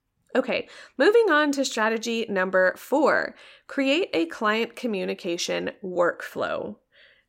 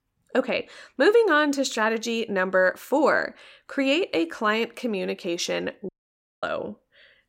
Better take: first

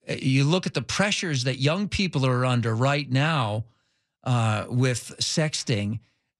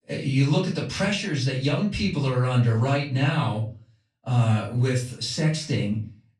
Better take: first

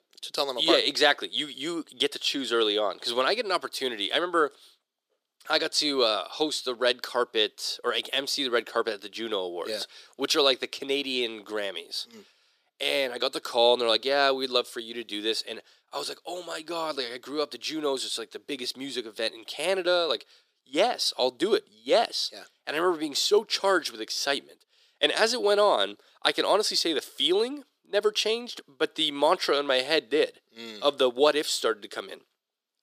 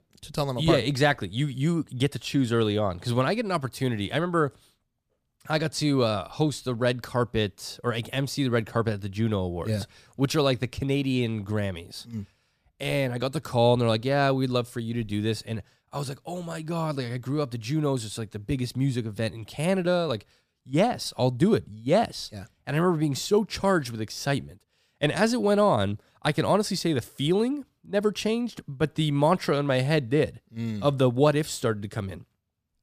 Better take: second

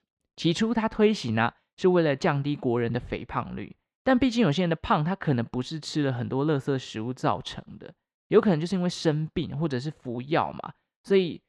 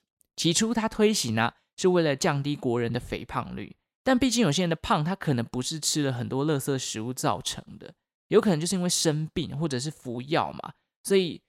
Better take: second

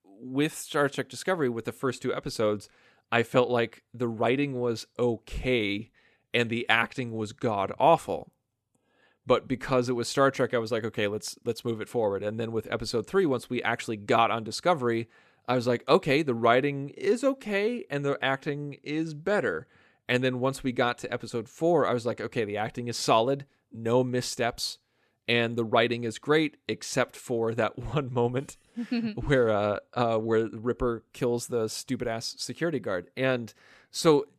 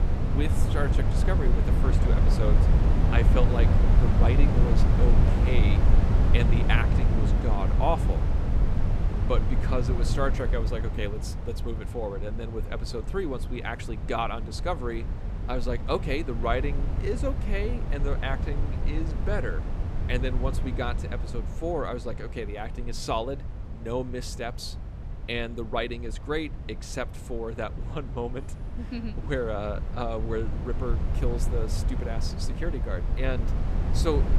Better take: first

